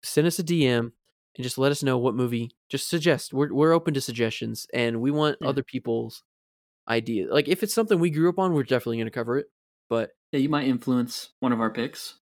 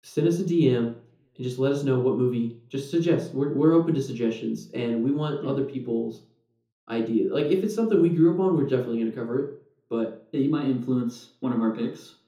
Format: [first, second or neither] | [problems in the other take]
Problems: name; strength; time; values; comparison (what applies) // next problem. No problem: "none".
first | room echo; slight; dies away in 0.6 s // off-mic speech; far